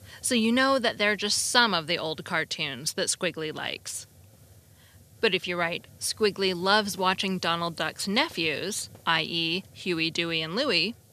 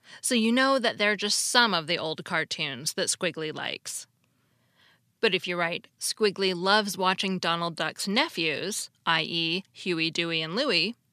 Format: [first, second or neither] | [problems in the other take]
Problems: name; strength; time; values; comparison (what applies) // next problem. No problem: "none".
second | hiss; faint; throughout; 25 dB below the speech